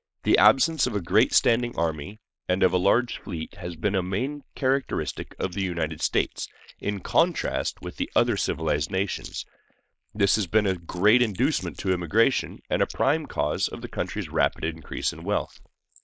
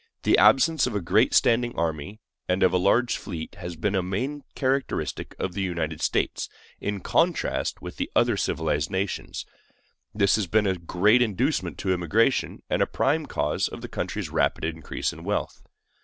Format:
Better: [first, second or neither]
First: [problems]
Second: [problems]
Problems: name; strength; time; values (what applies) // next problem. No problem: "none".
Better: second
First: noise reduction (neural mask model Resemble Enhance denoiser)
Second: none